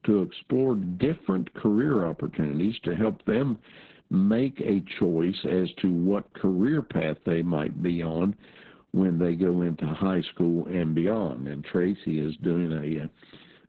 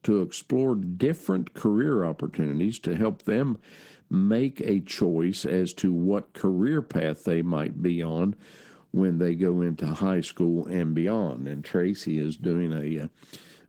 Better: second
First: garbled, watery; badly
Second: garbled, watery; slightly; nothing above 17.5 kHz

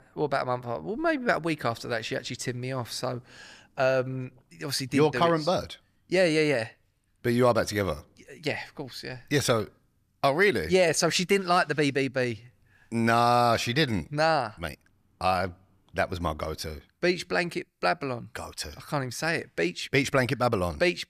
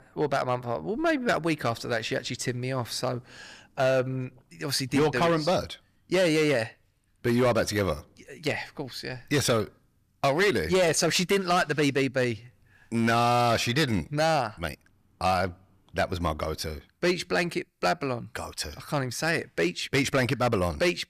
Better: first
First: none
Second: distortion; slight; 6% of the sound clipped

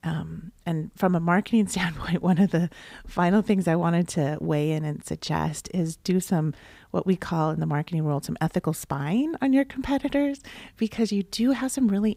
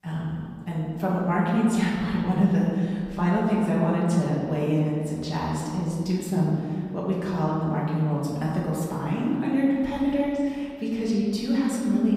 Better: first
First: none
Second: room echo; noticeable; dies away in 1.9 s // off-mic speech; far

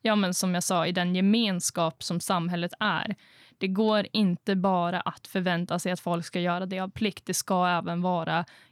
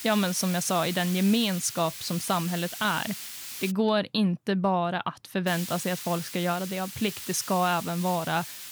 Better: first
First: none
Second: hiss; loud; until 3.5 s and from 5.5 s on; 8 dB below the speech

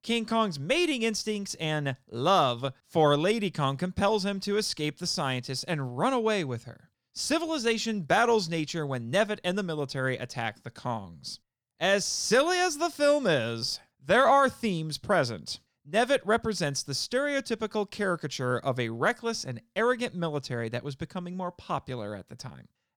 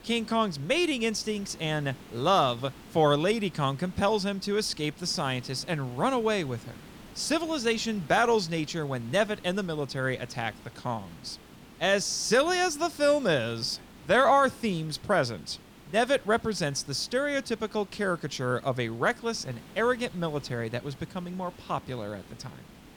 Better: first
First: none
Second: hiss; faint; throughout; 20 dB below the speech

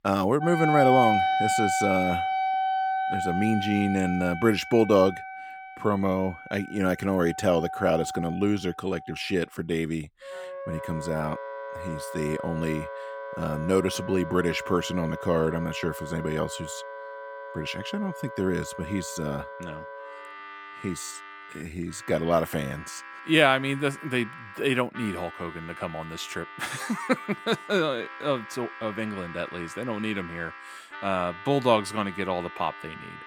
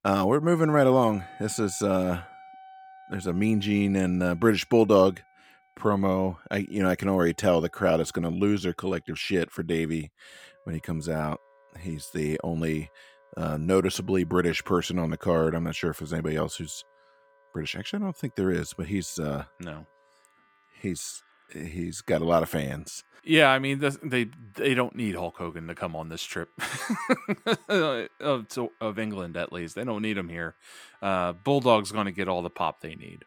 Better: second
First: background music; loud; throughout; 6 dB below the speech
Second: background music; faint; throughout; 30 dB below the speech

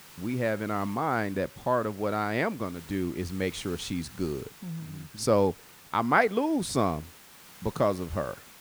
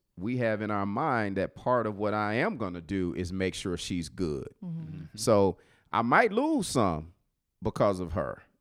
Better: second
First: hiss; noticeable; throughout; 20 dB below the speech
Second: none

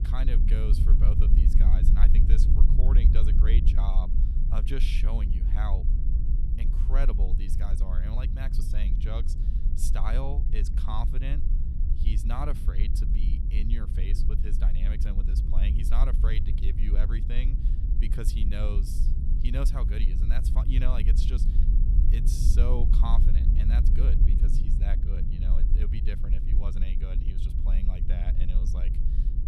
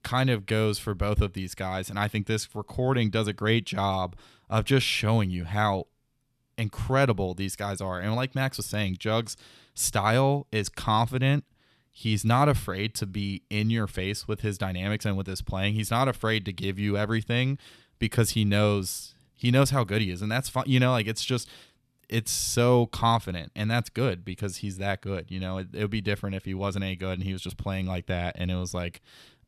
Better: second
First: low rumble; loud; throughout; 4 dB below the speech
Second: none

